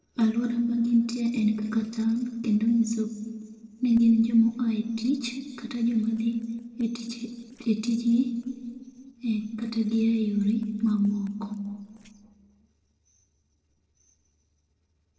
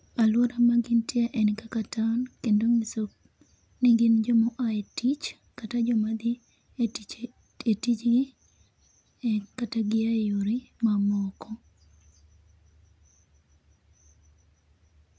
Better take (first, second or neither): second